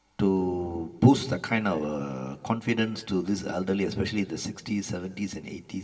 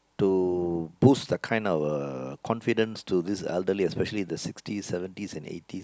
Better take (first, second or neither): second